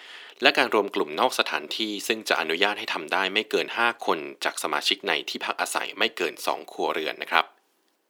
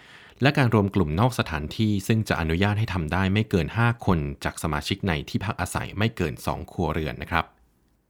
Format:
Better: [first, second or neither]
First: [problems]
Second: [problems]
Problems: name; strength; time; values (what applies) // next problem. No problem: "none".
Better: second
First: thin; very; fading below 350 Hz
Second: none